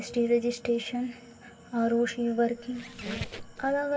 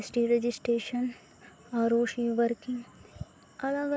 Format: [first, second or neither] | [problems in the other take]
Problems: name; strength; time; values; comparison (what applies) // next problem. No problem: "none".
second | background sound (Squeak); 12 dB below the speech // room echo; dies away in 2.8 s